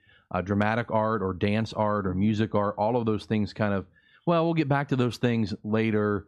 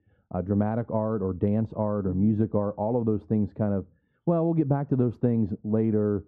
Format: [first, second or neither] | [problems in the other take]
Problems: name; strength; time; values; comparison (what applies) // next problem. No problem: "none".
first | muffled; very; fading above 1.5 kHz